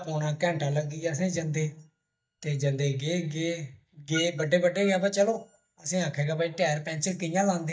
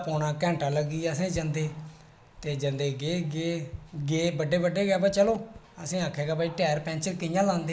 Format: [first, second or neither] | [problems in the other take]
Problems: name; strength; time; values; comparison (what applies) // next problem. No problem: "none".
second | noise reduction (neural mask model DeepFilterNet 3)